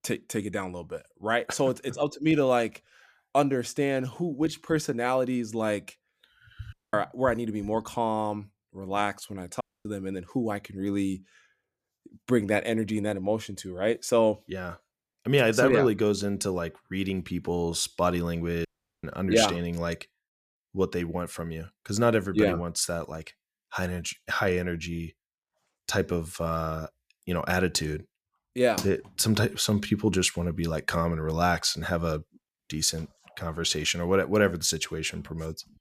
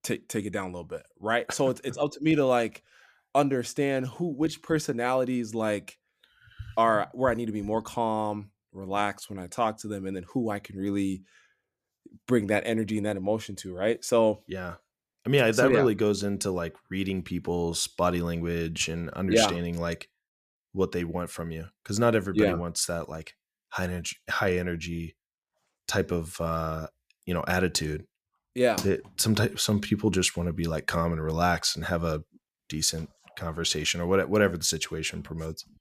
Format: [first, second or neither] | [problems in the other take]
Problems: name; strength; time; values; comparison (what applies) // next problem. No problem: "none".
second | audio cutting out; at 6.5 s, at 9.5 s and at 19 s